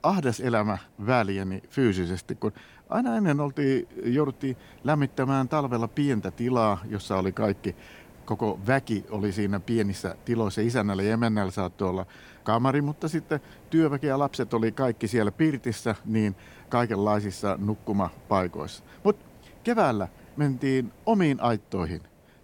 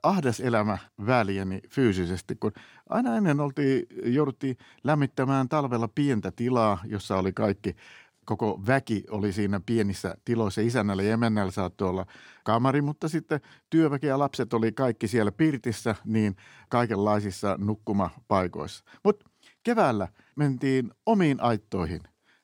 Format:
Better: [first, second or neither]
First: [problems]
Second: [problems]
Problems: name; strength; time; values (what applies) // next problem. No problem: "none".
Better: second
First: hiss; faint; throughout; 25 dB below the speech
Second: none